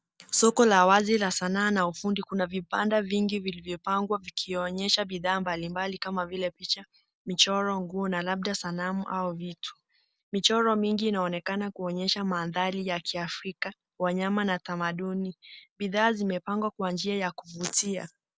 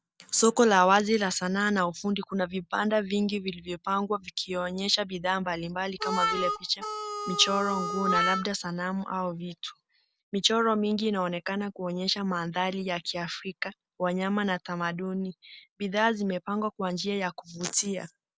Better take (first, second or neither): first